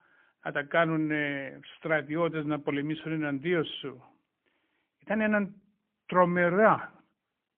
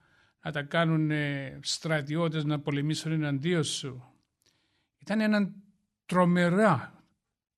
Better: second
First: phone-call audio; poor line; nothing above 3.5 kHz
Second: none

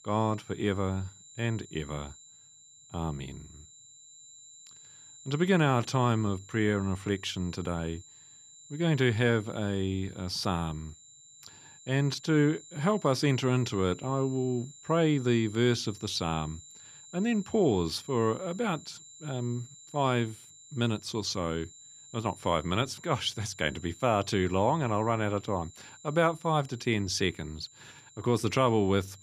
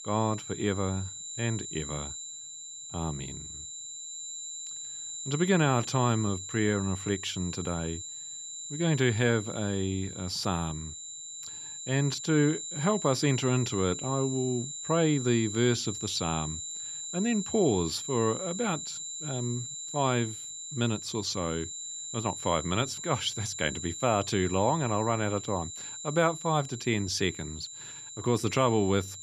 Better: first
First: high-pitched whine; faint; throughout; 7.5 kHz, 20 dB below the speech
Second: high-pitched whine; loud; throughout; 7.5 kHz, 7 dB below the speech

